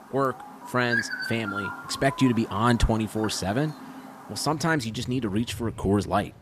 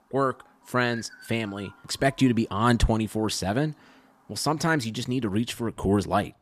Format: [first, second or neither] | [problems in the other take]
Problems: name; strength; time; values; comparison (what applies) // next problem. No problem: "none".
second | animal sounds; loud; throughout; 10 dB below the speech; faint in the second